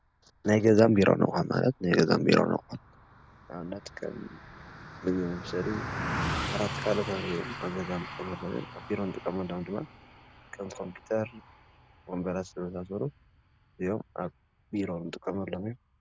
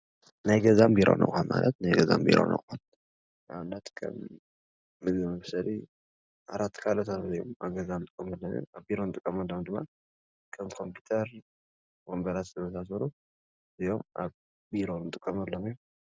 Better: second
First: background sound (Car passing by); 11 dB below the speech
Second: none

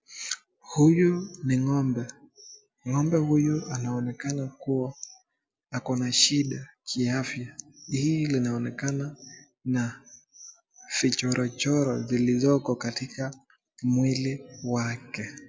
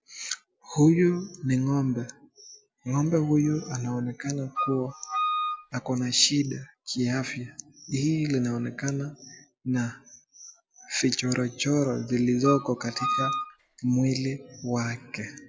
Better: first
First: none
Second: background sound (Wind instrument, woodwind instrument); 4 dB below the speech

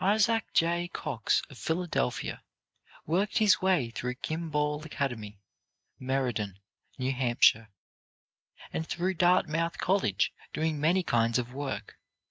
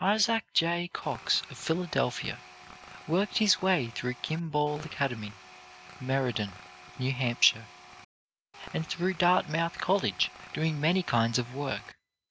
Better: first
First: none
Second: background sound (Tools); 19 dB below the speech

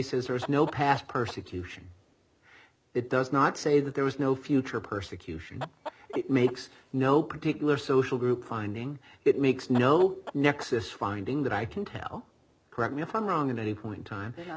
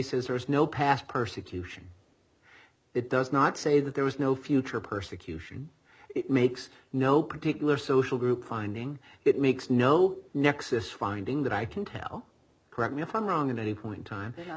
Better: second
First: background sound (Chicken, rooster); 15 dB below the speech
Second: none

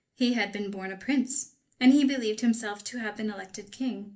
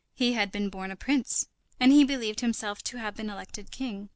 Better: second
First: room echo; dies away in 0.3 s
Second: none

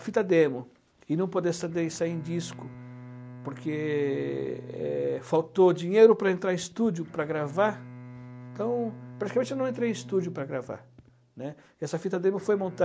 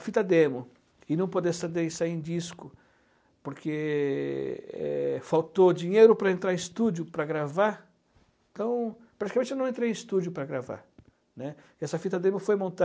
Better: second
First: background sound (Bowed string instrument); 18 dB below the speech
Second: none

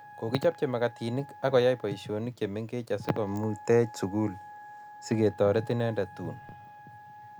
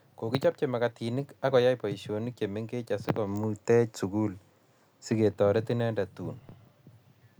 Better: second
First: background sound (Wind instrument, woodwind instrument); 18 dB below the speech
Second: none

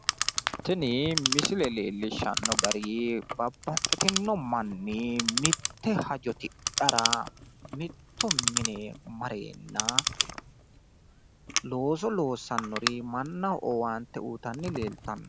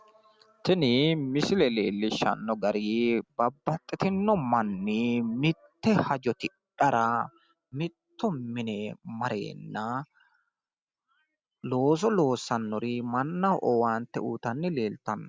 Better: second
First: background sound (Clock); 1 dB below the speech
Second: none

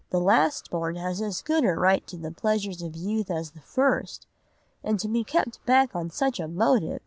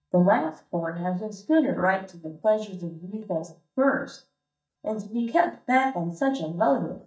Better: first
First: none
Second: noise reduction (neural mask model DeepFilterNet 3)

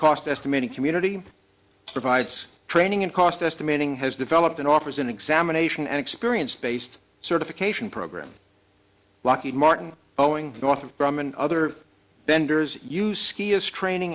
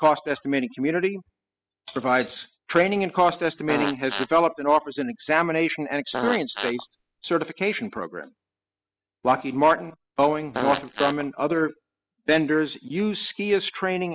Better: first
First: none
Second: noise reduction (classical method spectral subtraction)

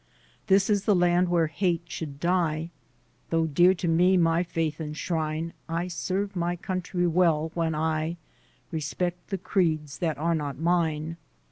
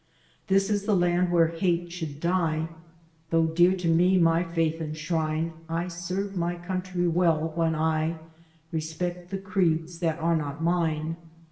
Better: first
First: none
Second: room echo; dies away in 0.7 s

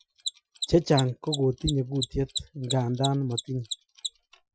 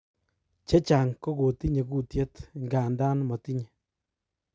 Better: second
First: noise reduction (classical method Wiener filter)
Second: none

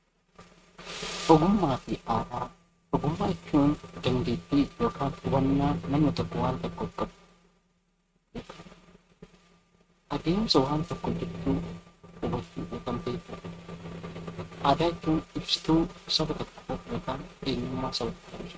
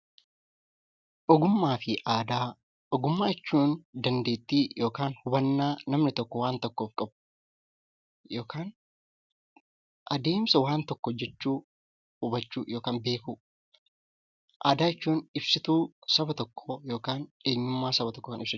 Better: second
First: noise reduction (neural mask model RNNoise)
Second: none

